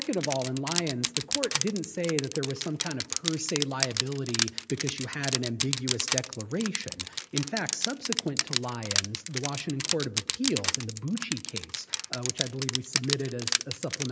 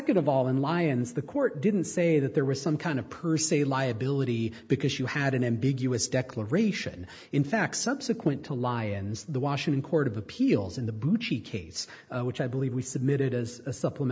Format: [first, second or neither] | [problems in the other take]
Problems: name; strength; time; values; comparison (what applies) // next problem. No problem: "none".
second | background sound (Crushing); as loud as the speech